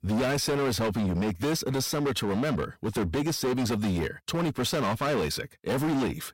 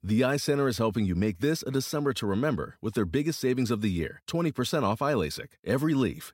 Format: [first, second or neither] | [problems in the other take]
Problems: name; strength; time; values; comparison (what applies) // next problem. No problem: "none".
second | distortion; heavy; 28% of the sound clipped